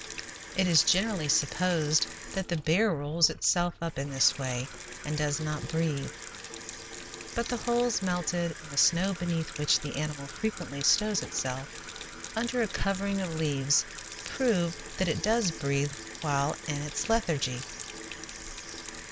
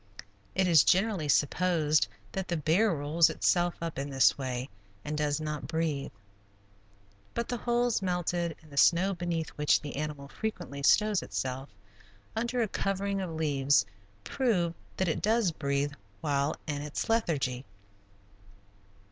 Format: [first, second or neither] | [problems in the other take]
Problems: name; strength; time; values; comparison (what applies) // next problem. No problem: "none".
second | background sound (Sink (filling or washing) / Water tap, faucet); 12 dB below the speech